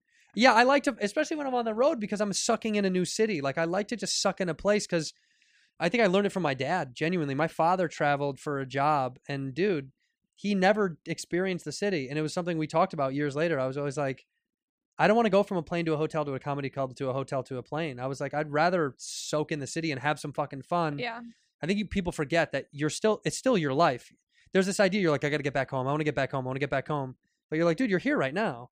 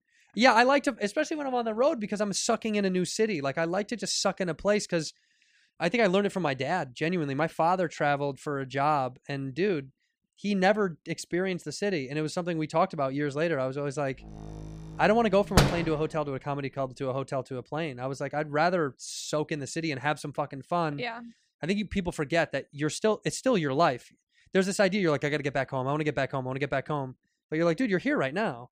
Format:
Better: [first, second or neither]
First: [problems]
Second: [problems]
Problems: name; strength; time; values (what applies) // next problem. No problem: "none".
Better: first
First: none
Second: door banging; loud; at 16 s; peak 4 dB above the speech